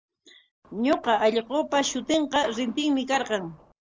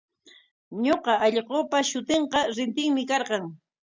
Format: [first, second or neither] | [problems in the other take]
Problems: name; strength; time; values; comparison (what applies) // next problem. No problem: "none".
second | noise reduction (neural separator model SepFormer DNS4)